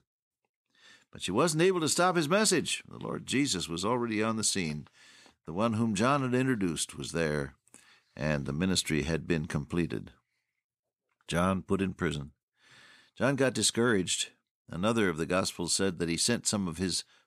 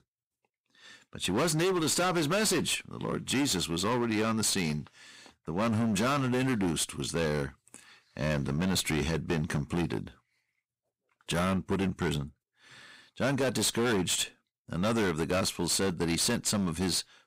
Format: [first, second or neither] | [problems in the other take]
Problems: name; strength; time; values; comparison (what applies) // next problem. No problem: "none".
first | distortion; heavy; 17% of the sound clipped